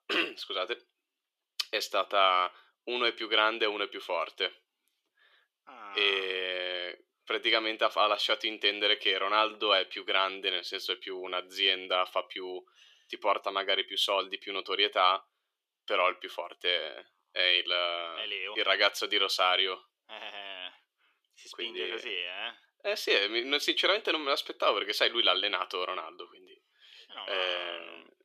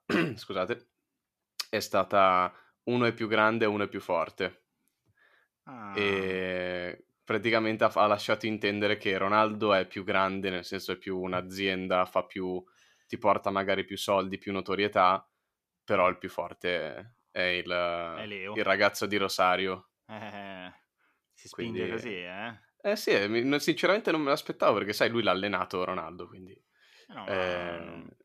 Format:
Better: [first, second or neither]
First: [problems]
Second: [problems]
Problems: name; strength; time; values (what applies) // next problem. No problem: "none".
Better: second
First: thin; somewhat; fading below 350 Hz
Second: none